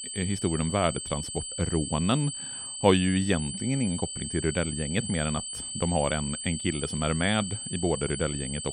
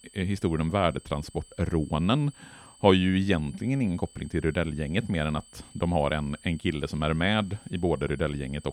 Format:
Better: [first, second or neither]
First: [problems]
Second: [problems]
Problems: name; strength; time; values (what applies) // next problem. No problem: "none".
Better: second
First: high-pitched whine; loud; throughout; 8 kHz, 5 dB below the speech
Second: high-pitched whine; faint; throughout; 8 kHz, 25 dB below the speech